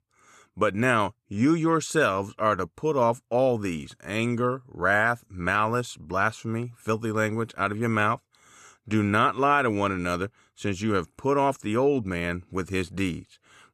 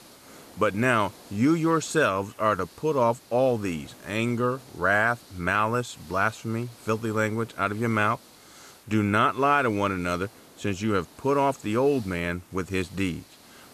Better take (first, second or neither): first